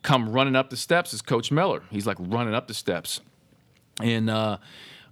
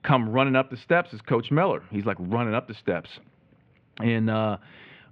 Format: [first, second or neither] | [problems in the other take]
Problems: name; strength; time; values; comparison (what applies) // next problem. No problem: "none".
first | muffled; very; fading above 2.5 kHz